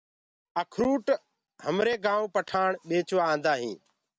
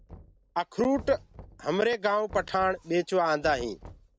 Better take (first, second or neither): first